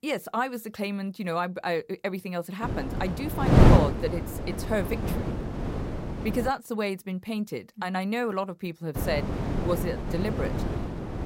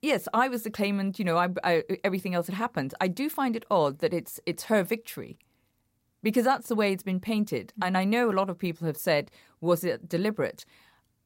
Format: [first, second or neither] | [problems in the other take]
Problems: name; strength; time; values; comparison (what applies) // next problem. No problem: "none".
second | wind noise on the microphone; heavy; from 2.5 to 6.5 s and from 9 s on; 1 dB below the speech